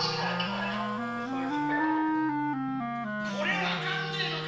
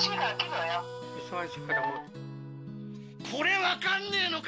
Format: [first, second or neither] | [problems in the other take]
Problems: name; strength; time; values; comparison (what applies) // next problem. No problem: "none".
second | background sound (Wind instrument, woodwind instrument); 3 dB above the speech // room echo; dies away in 0.9 s